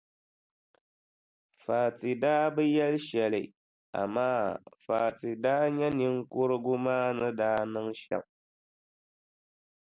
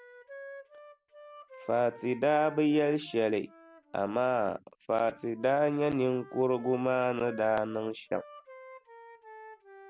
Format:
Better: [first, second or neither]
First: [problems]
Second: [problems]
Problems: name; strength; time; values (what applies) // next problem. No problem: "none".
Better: first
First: none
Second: background sound (Wind instrument, woodwind instrument); 20 dB below the speech